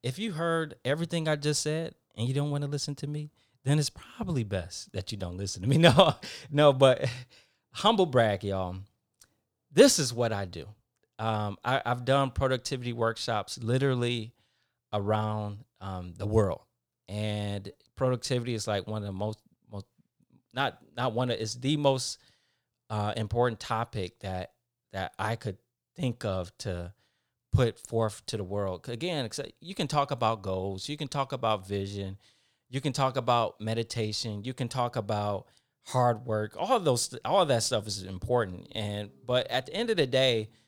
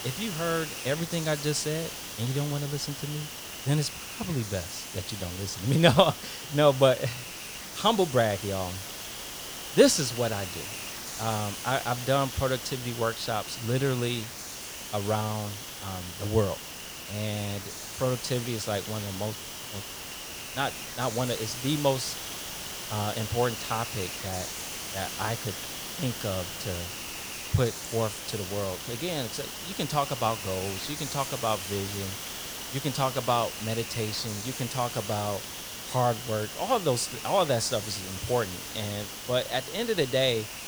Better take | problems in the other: first | hiss; loud; throughout; 6 dB below the speech

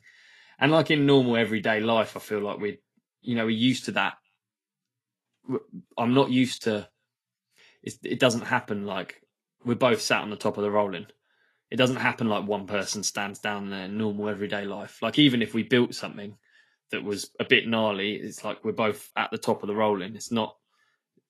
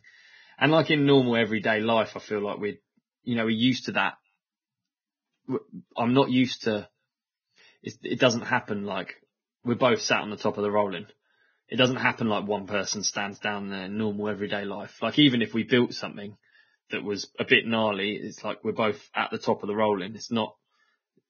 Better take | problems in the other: first | garbled, watery; badly; nothing above 6 kHz; slightly in the first

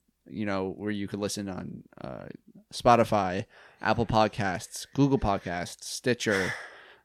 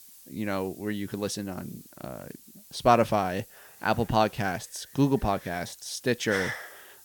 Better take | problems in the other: first | hiss; faint; throughout; 20 dB below the speech

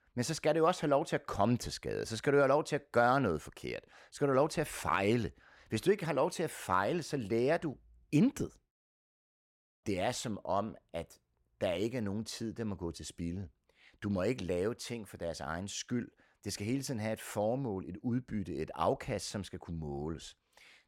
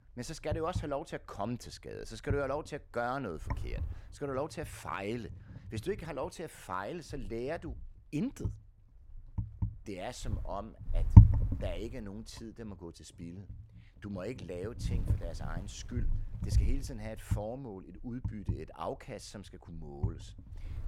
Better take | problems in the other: first | wind noise on the microphone; heavy; 4 dB below the speech

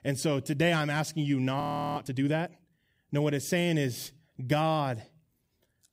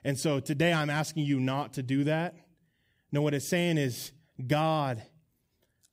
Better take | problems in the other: second | audio freezing; at 1.5 s

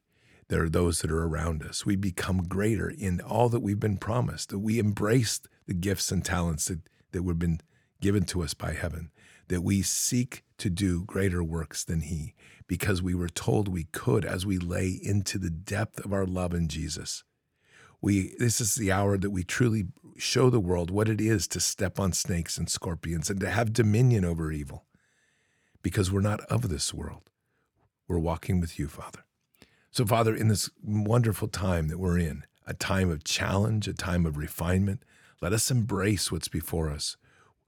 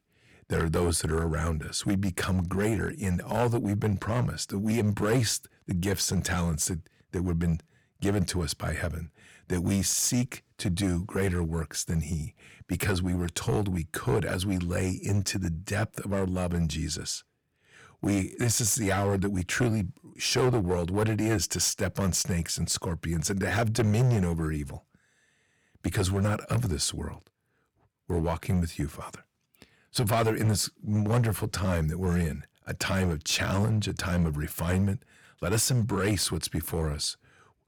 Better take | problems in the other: first | distortion; slight; 5% of the sound clipped

